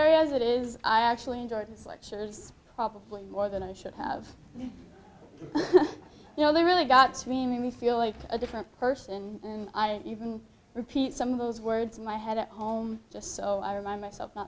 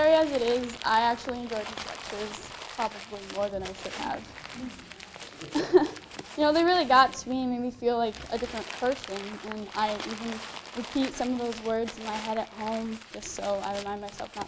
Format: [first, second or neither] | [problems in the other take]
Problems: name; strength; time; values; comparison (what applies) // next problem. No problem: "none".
first | background sound (Crumpling, crinkling); 14 dB below the speech